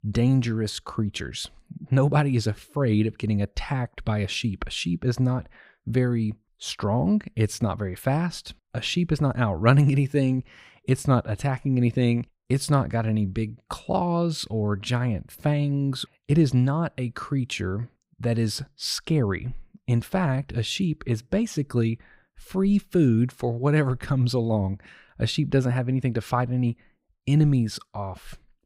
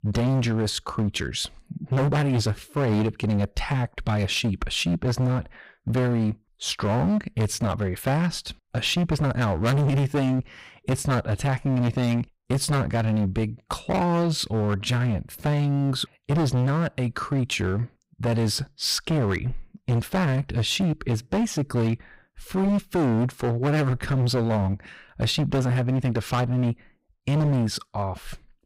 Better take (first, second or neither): first